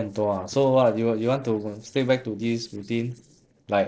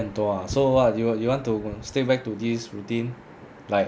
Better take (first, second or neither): second